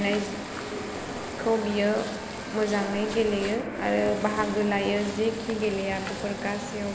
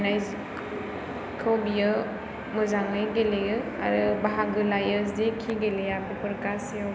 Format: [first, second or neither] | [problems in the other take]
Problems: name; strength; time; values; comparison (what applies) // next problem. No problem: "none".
second | background sound (Frying (food)); 15 dB below the speech